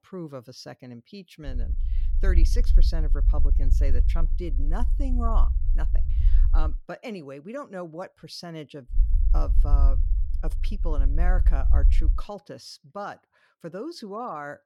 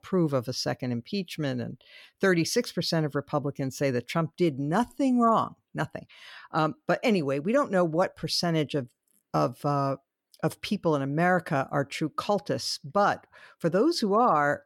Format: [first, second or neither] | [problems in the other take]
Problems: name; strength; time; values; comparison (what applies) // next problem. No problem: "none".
second | low rumble; noticeable; from 1.5 to 6.5 s and from 9 to 12 s; 10 dB below the speech